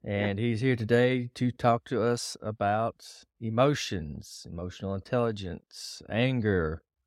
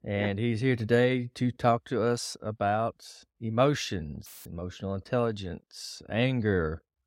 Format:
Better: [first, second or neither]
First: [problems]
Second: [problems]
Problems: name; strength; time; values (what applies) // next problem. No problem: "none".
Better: first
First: none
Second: audio cutting out; filled with static; at 4.5 s